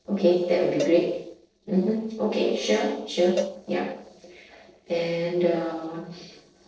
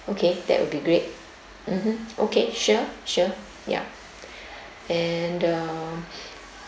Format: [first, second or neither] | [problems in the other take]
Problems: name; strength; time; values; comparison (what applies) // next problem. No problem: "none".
second | noise reduction (neural separator model SepFormer DNS4)